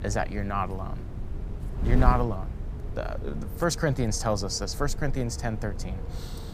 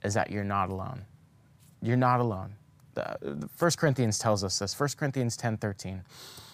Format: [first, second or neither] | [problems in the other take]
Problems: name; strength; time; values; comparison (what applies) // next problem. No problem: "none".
second | wind noise on the microphone; occasional gusts; 15 dB below the speech